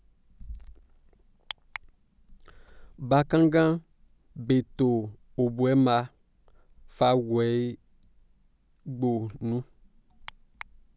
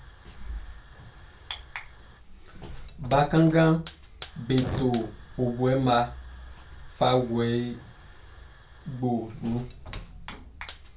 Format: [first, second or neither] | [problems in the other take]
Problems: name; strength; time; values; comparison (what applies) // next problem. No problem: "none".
first | background sound (Hiss / Fire); 14 dB below the speech // room echo; dies away in 0.3 s